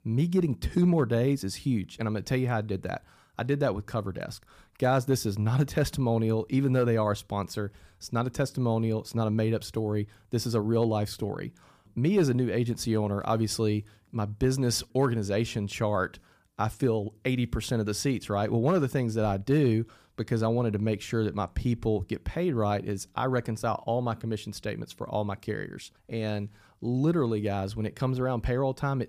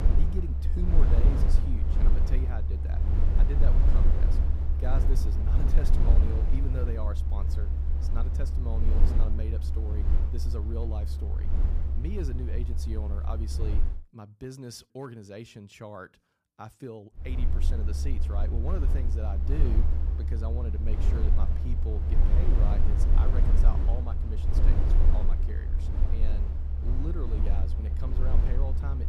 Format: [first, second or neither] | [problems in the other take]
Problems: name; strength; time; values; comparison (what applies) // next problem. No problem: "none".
first | low rumble; loud; until 14 s and from 17 s on; 1 dB below the speech